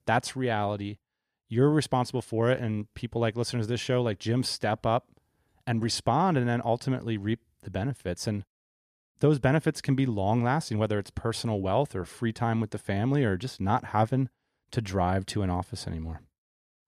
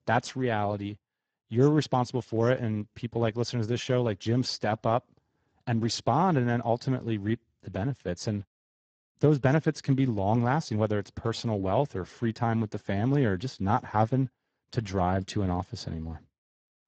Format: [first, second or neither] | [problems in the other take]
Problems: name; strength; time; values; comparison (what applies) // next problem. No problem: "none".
first | garbled, watery; badly; nothing above 7.5 kHz